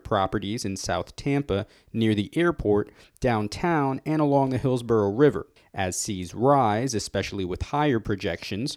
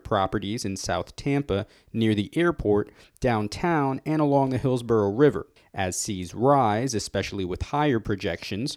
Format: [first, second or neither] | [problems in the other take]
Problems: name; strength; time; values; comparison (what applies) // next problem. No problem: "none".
neither | none